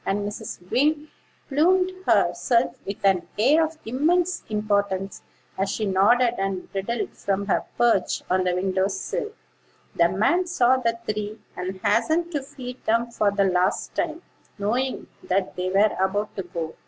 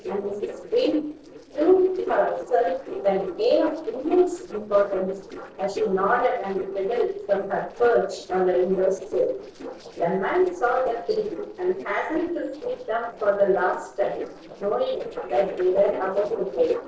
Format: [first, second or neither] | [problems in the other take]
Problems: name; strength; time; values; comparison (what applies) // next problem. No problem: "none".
first | noise reduction (neural separator model SepFormer DNS4)